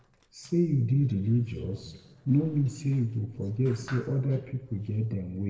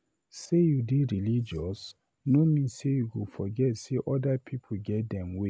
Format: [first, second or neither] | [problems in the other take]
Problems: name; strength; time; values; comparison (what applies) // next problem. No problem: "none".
second | noise reduction (neural separator model SepFormer DNS4)